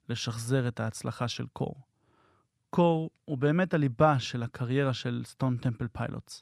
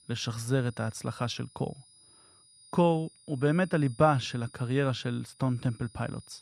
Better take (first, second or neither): first